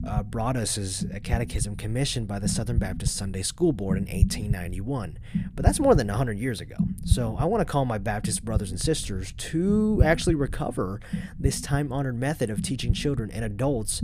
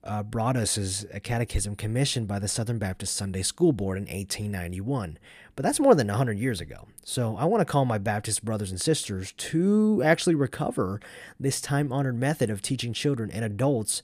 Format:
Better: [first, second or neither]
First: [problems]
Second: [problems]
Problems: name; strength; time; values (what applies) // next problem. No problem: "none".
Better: second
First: low rumble; noticeable; throughout; 15 dB below the speech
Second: none